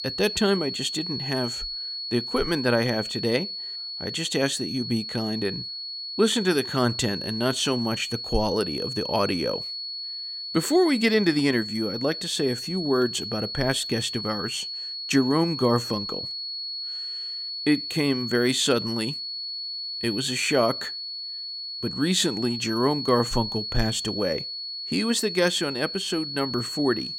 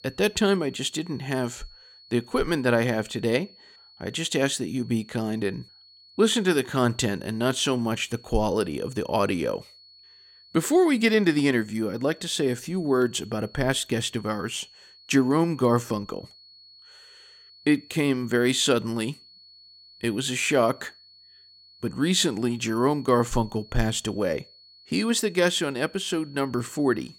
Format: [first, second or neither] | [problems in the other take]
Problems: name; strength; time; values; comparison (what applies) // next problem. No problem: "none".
second | high-pitched whine; loud; throughout; 4.5 kHz, 5 dB below the speech; faint in the second